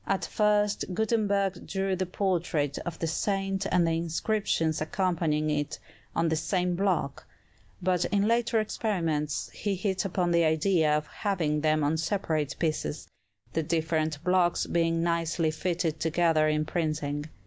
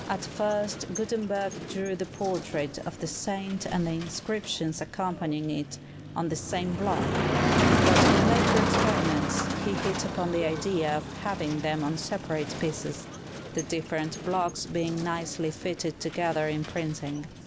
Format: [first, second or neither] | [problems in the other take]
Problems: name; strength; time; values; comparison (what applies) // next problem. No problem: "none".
first | background sound (Motor vehicle (road)); as loud as the speech